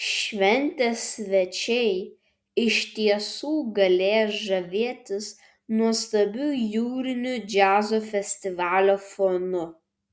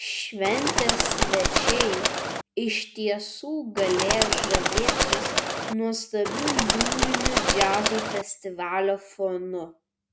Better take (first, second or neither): first